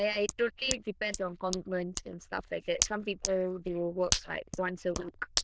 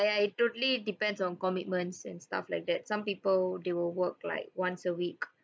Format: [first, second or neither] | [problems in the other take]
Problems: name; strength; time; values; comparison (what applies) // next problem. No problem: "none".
second | noise reduction (neural diffusion model UNIVERSE++)